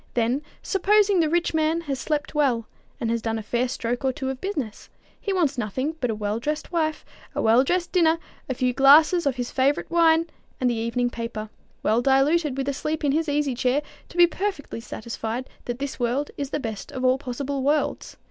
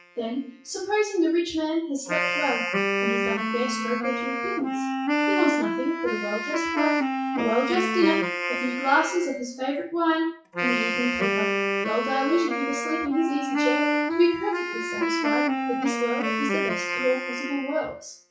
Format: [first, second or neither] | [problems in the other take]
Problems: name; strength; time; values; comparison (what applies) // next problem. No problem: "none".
first | noise reduction (classical method WPE with log-MMSE)